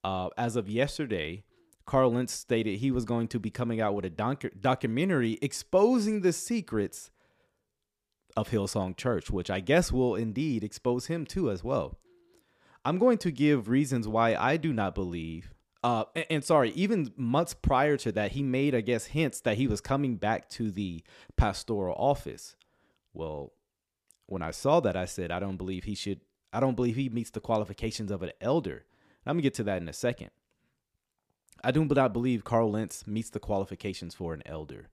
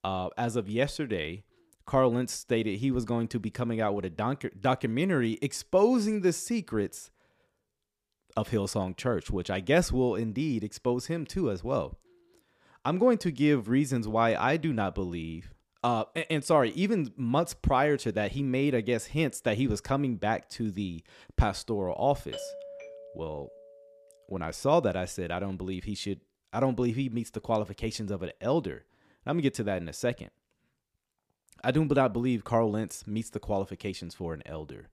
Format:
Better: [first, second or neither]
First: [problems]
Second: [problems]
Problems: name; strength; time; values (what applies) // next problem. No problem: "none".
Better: first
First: none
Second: doorbell; faint; from 22 to 24 s; peak 10 dB below the speech